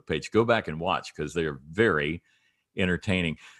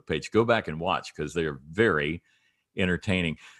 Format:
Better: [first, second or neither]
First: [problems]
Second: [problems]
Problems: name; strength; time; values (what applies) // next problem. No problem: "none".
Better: neither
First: none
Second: none